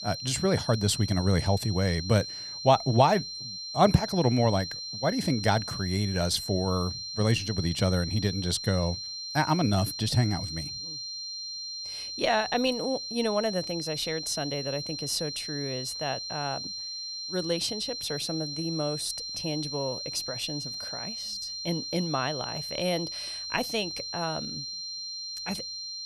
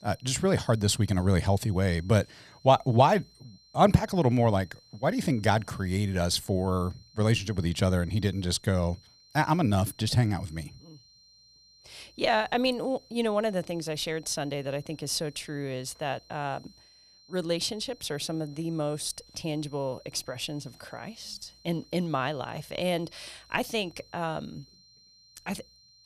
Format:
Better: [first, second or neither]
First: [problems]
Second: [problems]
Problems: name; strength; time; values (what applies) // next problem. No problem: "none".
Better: second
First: high-pitched whine; loud; throughout; 4 kHz, 6 dB below the speech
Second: high-pitched whine; faint; throughout; 4 kHz, 25 dB below the speech